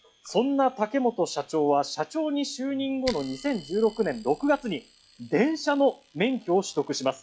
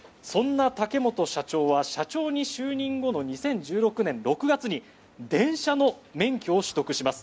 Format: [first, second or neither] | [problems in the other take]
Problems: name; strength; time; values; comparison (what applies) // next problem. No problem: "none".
second | noise reduction (classical method log-MMSE)